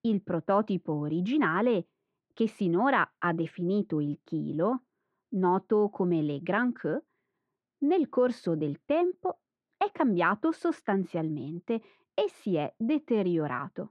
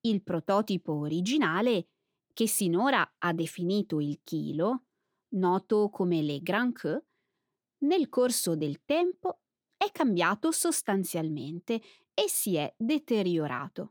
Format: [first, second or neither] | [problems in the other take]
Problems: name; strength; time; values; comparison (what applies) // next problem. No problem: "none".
second | muffled; very; fading above 1.5 kHz